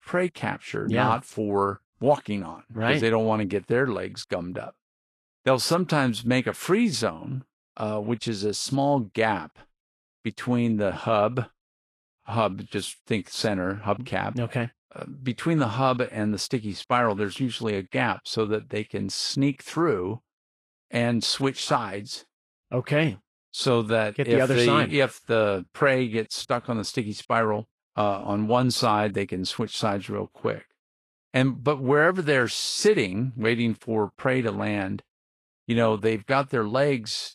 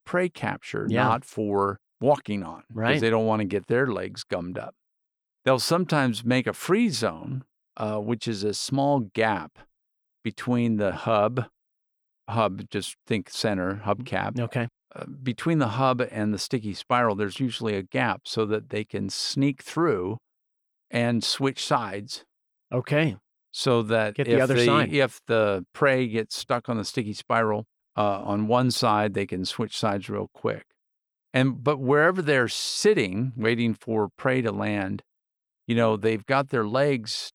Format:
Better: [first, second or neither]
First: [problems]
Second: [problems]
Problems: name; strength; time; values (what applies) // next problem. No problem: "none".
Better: second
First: garbled, watery; slightly; nothing above 11.5 kHz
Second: none